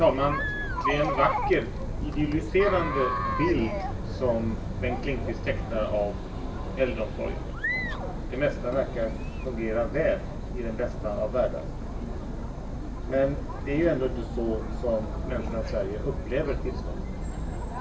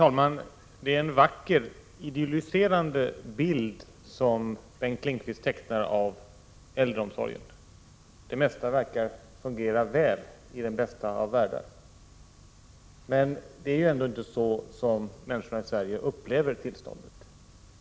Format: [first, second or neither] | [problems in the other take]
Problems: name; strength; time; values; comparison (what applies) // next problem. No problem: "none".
second | background sound (Chatter); 2 dB below the speech // room echo; dies away in 0.2 s